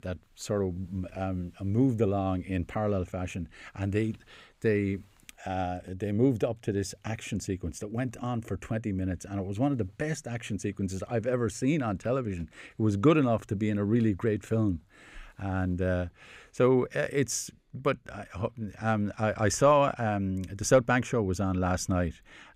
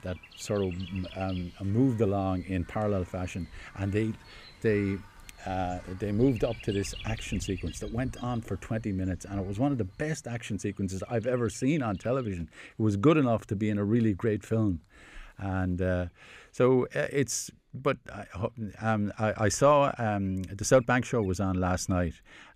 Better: first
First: none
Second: animal sounds; noticeable; throughout; 20 dB below the speech

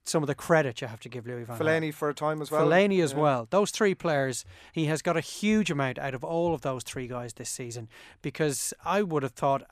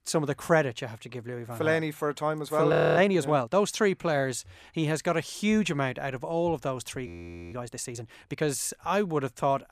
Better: first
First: none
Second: audio freezing; at 2.5 s and at 7 s

